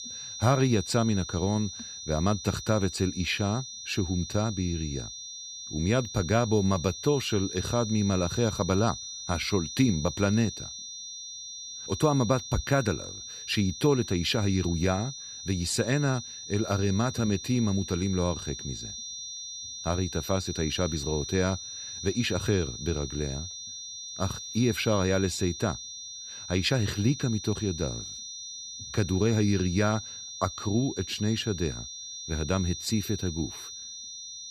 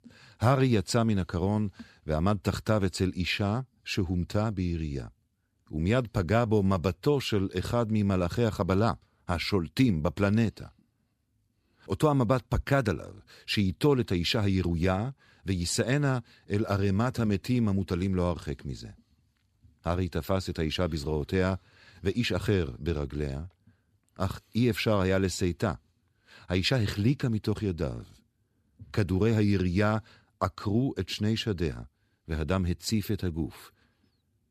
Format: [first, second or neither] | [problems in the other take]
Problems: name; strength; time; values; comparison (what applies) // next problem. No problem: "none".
second | high-pitched whine; loud; throughout; 6 kHz, 9 dB below the speech